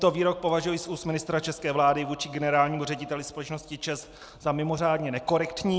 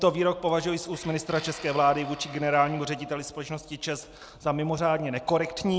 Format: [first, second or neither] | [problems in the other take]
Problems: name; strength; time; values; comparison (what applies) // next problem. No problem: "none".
first | background sound (Tools); 20 dB below the speech